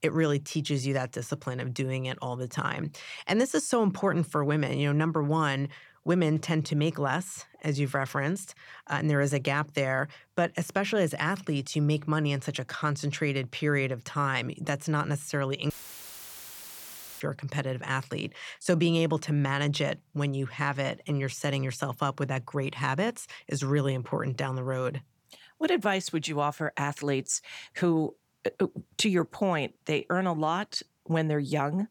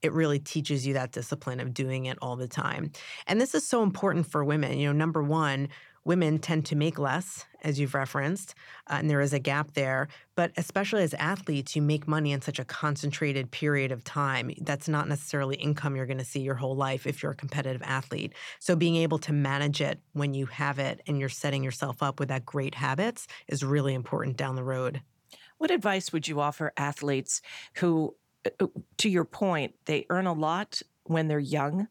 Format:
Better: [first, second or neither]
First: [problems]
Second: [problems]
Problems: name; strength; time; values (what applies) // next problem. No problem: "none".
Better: second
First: audio cutting out; filled with static; at 16 s for 1.5 s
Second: none